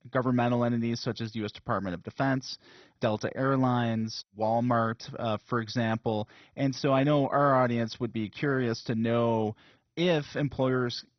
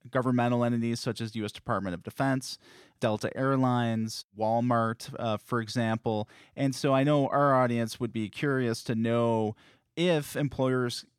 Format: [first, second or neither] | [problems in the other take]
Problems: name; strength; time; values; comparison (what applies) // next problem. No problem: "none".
second | garbled, watery; badly; nothing above 6 kHz